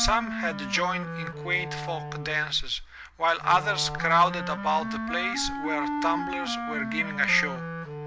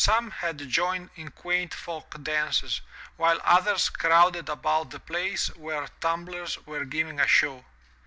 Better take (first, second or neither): second